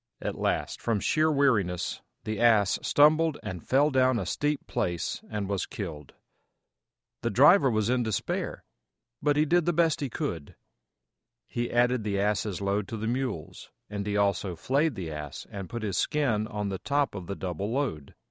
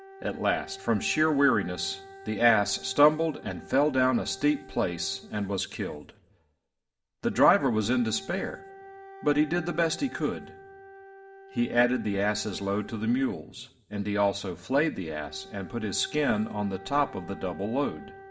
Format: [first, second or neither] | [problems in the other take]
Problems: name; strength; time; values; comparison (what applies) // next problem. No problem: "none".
first | background sound (Wind instrument, woodwind instrument); 19 dB below the speech // room echo; dies away in 0.5 s